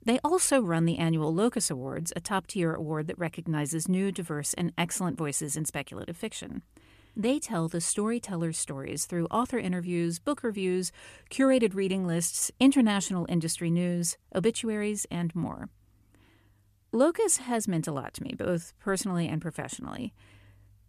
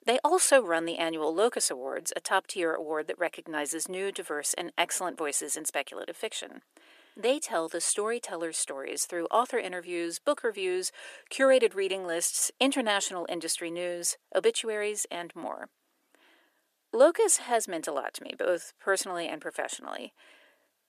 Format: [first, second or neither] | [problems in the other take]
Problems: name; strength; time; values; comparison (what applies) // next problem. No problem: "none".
first | thin; very; fading below 350 Hz